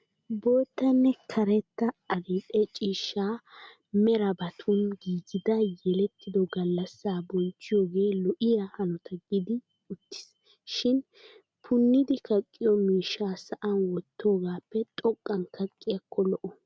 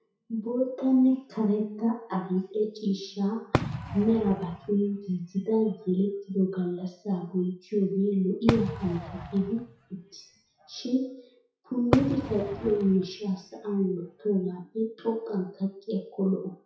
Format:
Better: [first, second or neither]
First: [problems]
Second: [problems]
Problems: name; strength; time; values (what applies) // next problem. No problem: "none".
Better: first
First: none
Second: noise reduction (classical method WPE with log-MMSE)